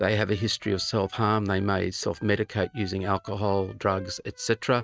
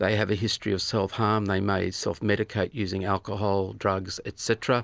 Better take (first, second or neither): second